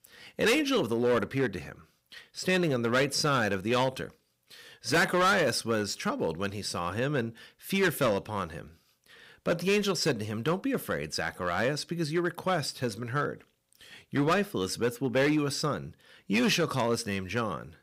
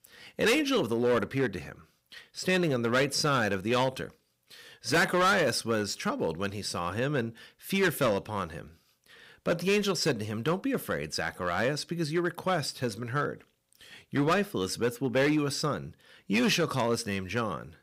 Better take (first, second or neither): neither